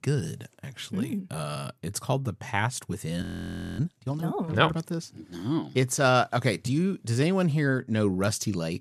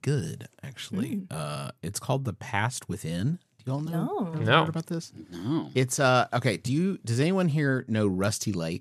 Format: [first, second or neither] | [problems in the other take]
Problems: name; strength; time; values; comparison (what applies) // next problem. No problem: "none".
second | audio freezing; at 3 s for 0.5 s